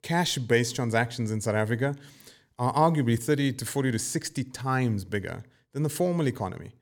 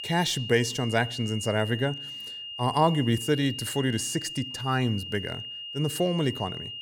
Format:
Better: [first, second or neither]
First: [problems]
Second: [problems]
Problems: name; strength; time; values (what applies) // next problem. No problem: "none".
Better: first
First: none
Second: high-pitched whine; loud; throughout; 3 kHz, 8 dB below the speech